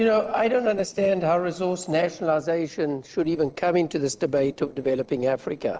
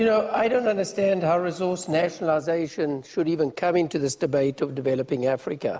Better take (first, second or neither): second